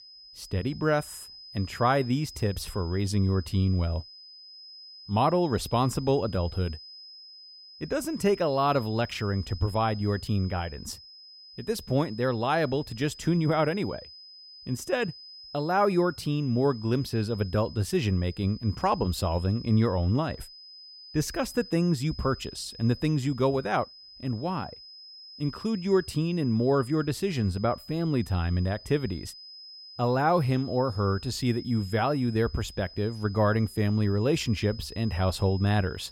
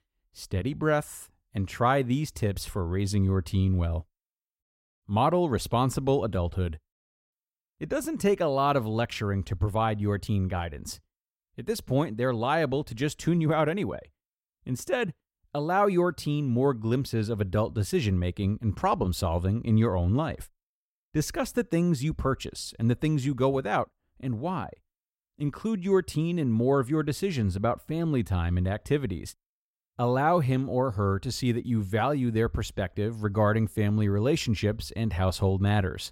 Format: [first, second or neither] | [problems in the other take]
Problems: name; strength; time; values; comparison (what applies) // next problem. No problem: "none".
second | high-pitched whine; noticeable; throughout; 5 kHz, 15 dB below the speech